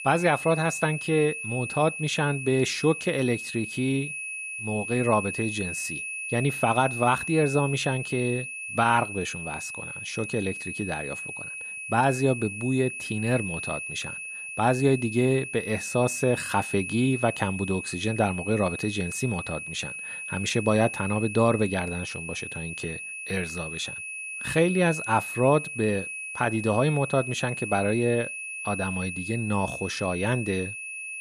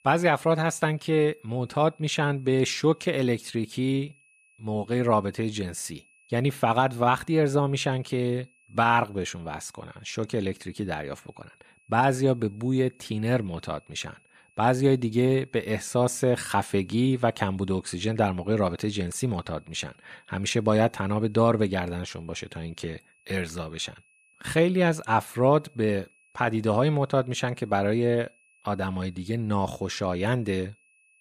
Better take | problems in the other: second | high-pitched whine; loud; throughout; 2.5 kHz, 6 dB below the speech; faint in the second

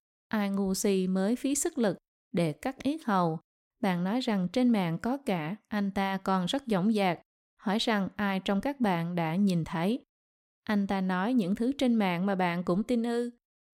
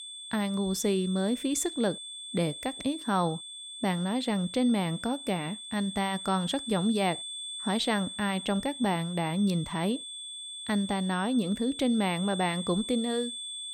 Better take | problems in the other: first | high-pitched whine; loud; throughout; 3.5 kHz, 8 dB below the speech

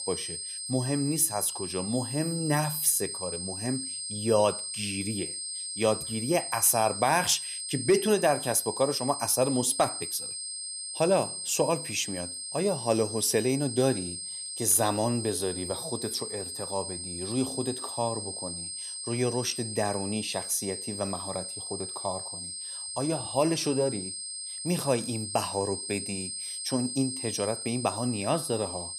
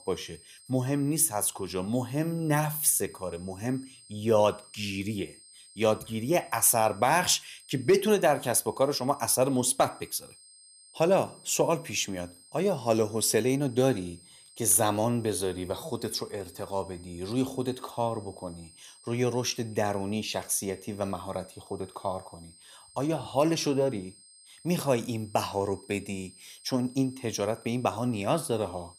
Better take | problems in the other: second | high-pitched whine; loud; throughout; 8.5 kHz, 5 dB below the speech; faint in the second

